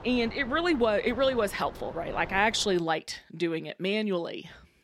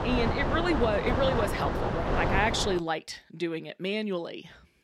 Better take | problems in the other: first | wind noise on the microphone; heavy; until 3 s; 1 dB below the speech; occasional gusts in the first

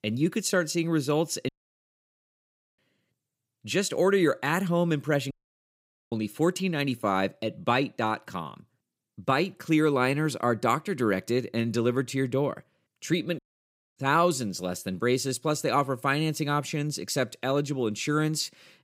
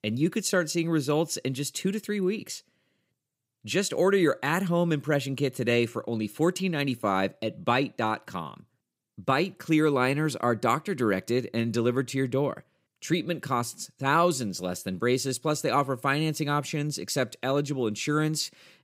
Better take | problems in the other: second | audio cutting out; at 1.5 s for 1.5 s, at 5.5 s for 1 s and at 13 s for 0.5 s

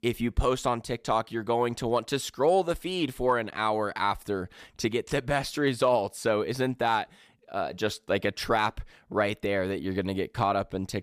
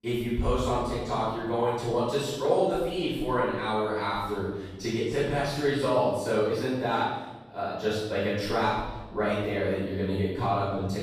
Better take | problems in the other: first | off-mic speech; far // room echo; strong; dies away in 1.1 s

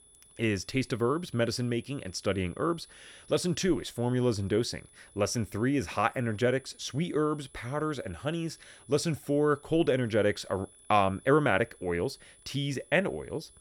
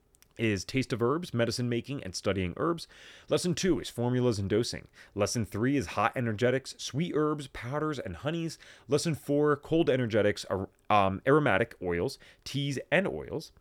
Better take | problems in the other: second | high-pitched whine; faint; throughout; 10 kHz, 25 dB below the speech

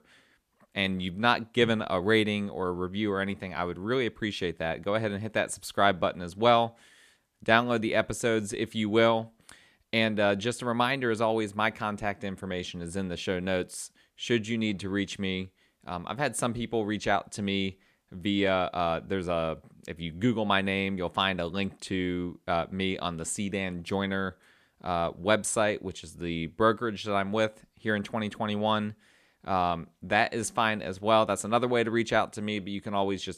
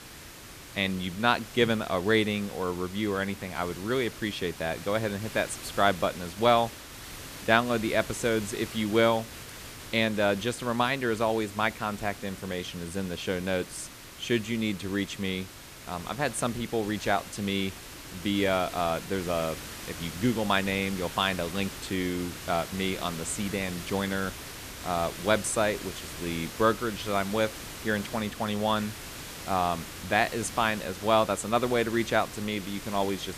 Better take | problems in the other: first | hiss; noticeable; throughout; 10 dB below the speech

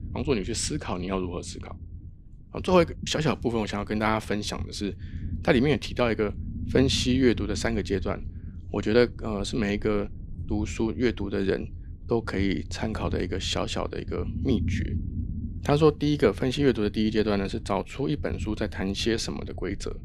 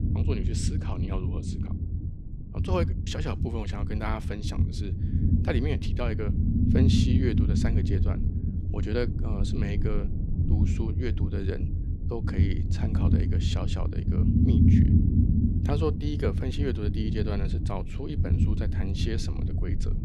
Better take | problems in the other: first | low rumble; loud; throughout; 1 dB below the speech; faint in the first

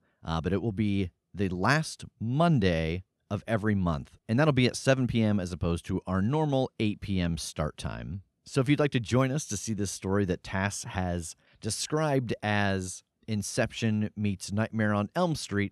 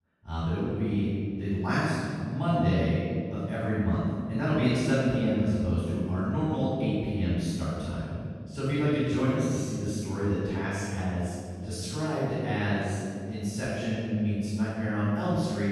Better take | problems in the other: first | room echo; strong; dies away in 2.3 s // off-mic speech; far

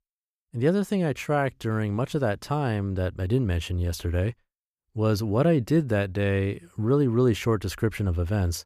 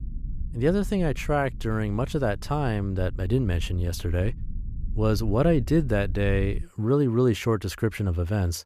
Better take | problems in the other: first | low rumble; faint; until 6.5 s; 25 dB below the speech

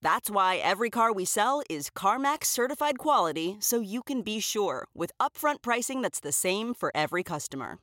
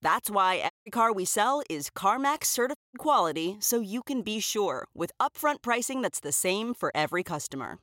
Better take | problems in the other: first | audio cutting out; at 0.5 s and at 3 s

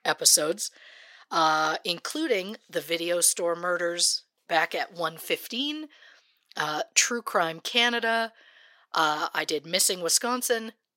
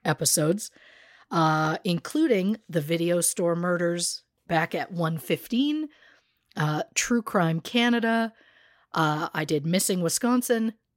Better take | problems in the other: second | thin; somewhat; fading below 500 Hz

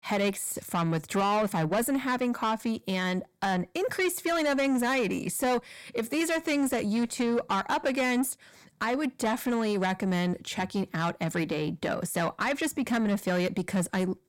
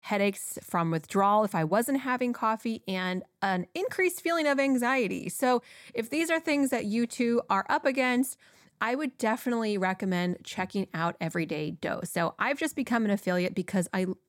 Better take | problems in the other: second | distortion; slight; 10 dB below the speech

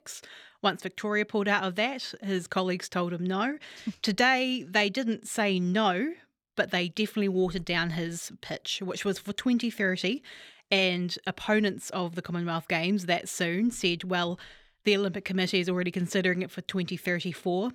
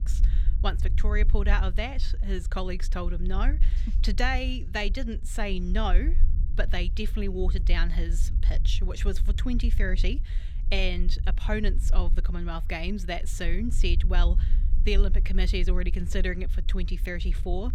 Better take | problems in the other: first | low rumble; noticeable; throughout; 15 dB below the speech

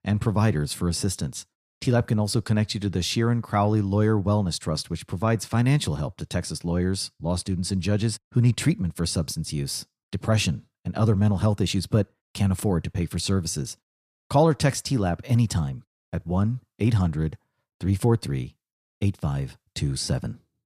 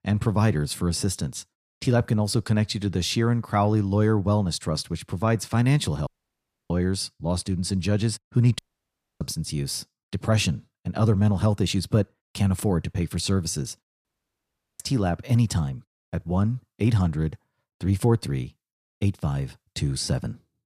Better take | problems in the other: first | audio cutting out; at 6 s for 0.5 s, at 8.5 s for 0.5 s and at 14 s for 0.5 s

